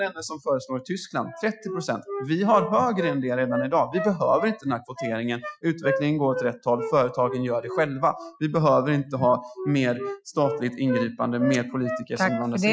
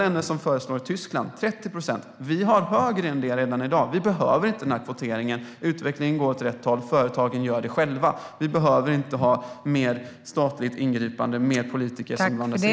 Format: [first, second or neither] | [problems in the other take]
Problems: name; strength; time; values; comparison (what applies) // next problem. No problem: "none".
second | noise reduction (classical method Wiener filter)